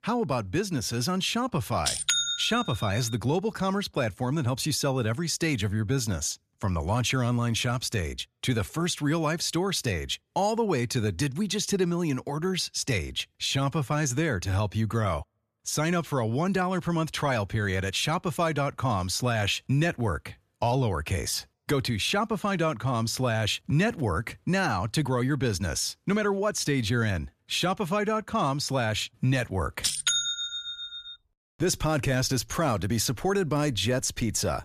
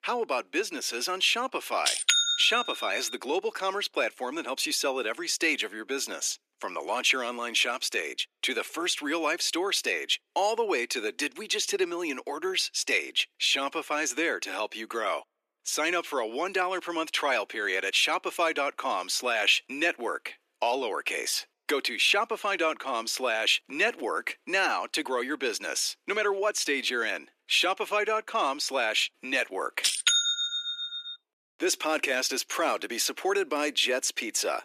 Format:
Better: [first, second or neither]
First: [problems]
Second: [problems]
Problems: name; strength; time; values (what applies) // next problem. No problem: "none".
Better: first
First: none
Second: thin; very; fading below 300 Hz